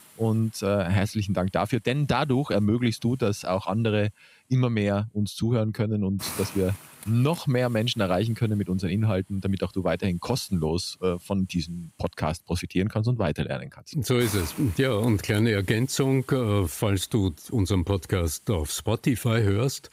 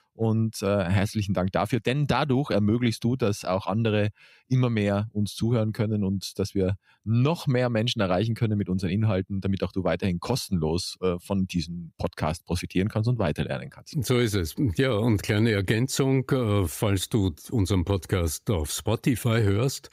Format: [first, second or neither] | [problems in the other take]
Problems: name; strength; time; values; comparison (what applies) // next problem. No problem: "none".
second | hiss; noticeable; throughout; 20 dB below the speech